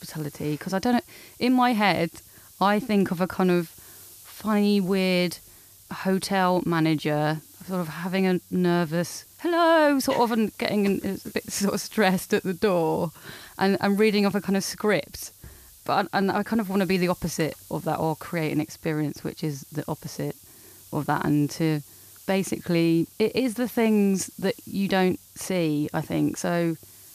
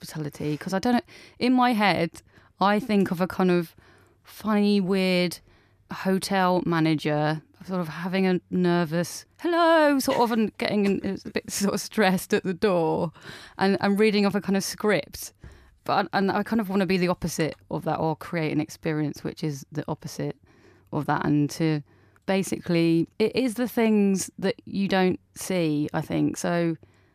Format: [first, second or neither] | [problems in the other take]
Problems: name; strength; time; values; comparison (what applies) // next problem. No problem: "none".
second | hiss; faint; throughout; 20 dB below the speech